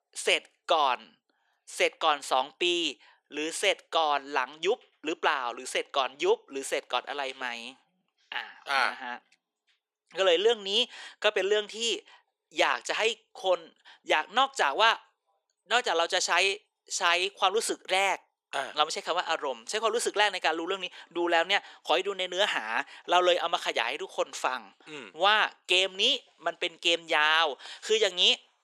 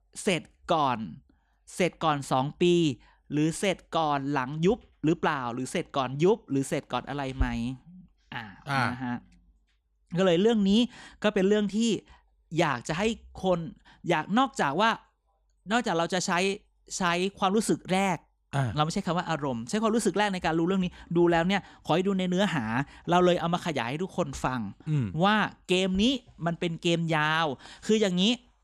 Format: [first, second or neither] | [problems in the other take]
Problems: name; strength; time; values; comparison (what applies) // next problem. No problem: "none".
second | thin; very; fading below 450 Hz